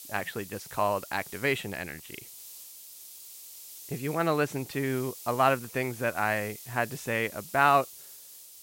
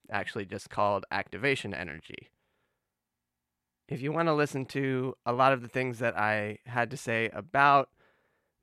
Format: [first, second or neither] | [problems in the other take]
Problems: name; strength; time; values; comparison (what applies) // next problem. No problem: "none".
second | hiss; noticeable; throughout; 15 dB below the speech